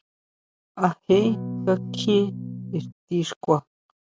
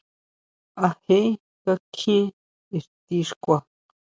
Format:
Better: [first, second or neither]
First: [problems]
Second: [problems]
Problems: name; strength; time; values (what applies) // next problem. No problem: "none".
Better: second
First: background sound (Electric guitar / Strum); 7 dB below the speech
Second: none